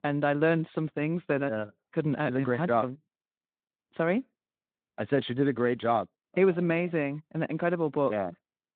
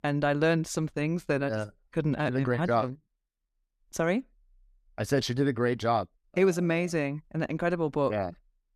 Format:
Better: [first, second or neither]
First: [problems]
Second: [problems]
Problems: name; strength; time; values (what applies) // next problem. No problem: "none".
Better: second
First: phone-call audio; nothing above 3.5 kHz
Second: none